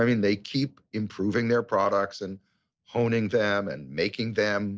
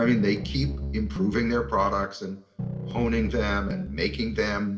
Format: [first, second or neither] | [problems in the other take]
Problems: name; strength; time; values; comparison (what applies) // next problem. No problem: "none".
first | background sound (Piano); 5 dB below the speech // room echo; dies away in 0.5 s